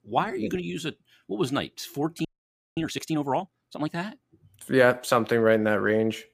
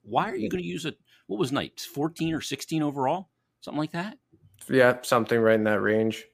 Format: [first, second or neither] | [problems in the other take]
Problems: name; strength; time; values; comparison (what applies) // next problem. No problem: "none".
second | audio freezing; at 2.5 s for 0.5 s